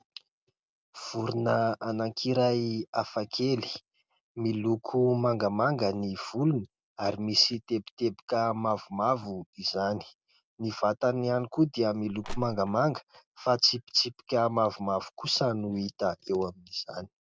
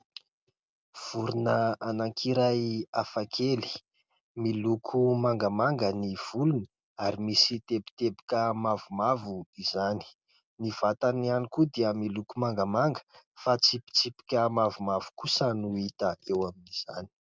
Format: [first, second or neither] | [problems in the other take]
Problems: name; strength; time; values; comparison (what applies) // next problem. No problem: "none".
second | background sound (Crushing); 8 dB below the speech